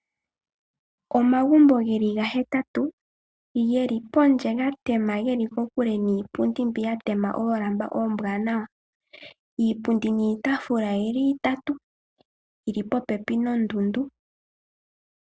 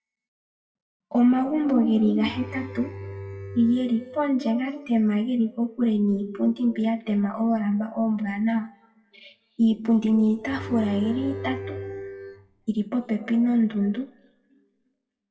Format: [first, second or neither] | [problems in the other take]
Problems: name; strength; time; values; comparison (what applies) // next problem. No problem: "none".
first | noise reduction (classical method WPE with log-MMSE)